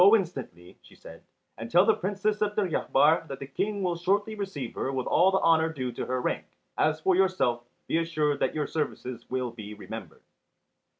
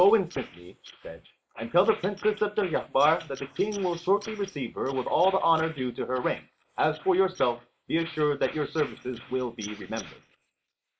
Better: first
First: none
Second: noise reduction (neural mask model Resemble Enhance denoiser)

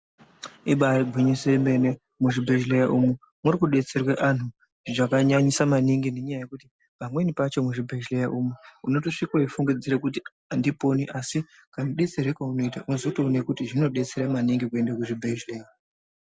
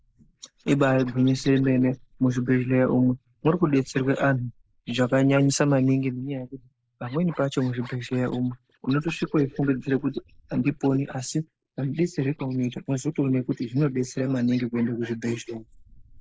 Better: first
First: none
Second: noise reduction (neural mask model Resemble Enhance denoiser)

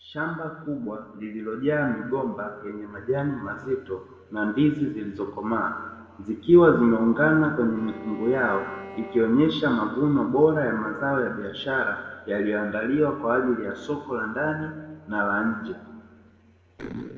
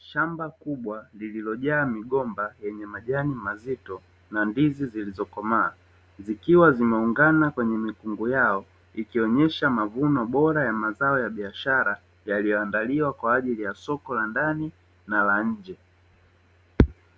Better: second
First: noise reduction (neural separator model SepFormer DNS4)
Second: none

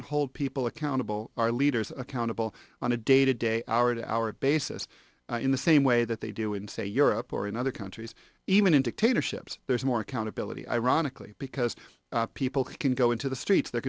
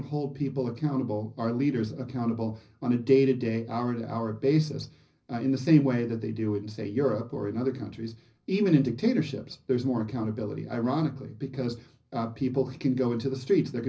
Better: first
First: none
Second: room echo; dies away in 0.4 s

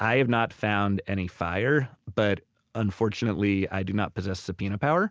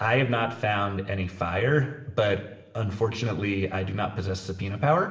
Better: first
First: none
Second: room echo; dies away in 1 s

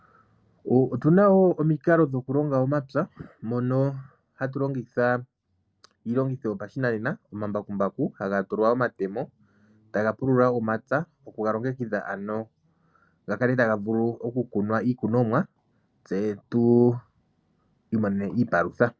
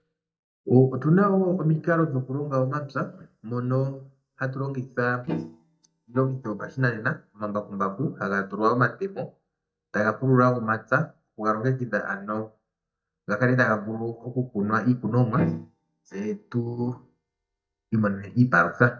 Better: first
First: none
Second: noise reduction (neural mask model DeepFilterNet 3)

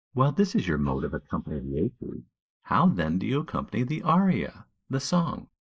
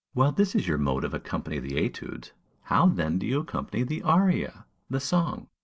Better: second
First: noise reduction (neural mask model Resemble Enhance denoiser)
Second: none

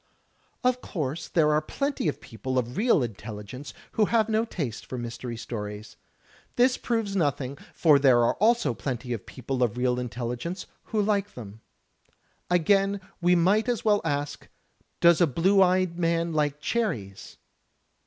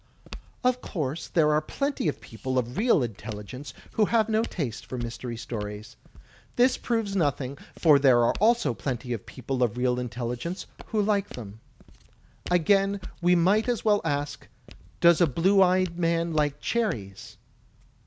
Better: first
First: none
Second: background sound (Walk, footsteps); 18 dB below the speech

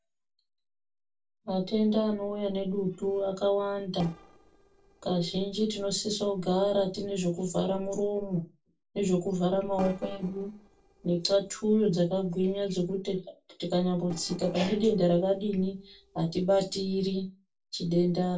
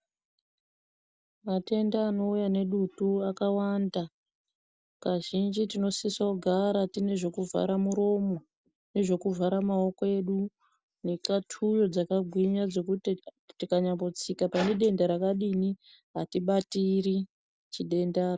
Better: second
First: noise reduction (neural separator model SepFormer DNS4)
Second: none

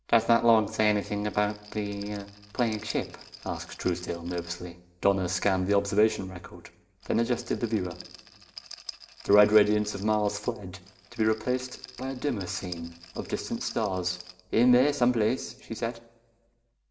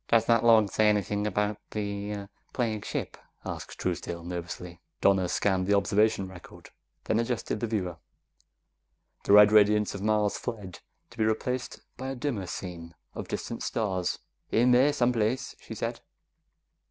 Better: second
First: background sound (Rattle); 19 dB below the speech // room echo; dies away in 0.6 s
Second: none

